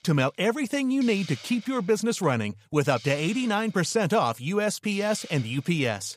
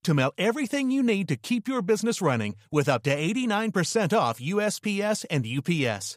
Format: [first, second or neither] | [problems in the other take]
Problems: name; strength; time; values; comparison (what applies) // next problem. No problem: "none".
second | hiss; noticeable; throughout; 20 dB below the speech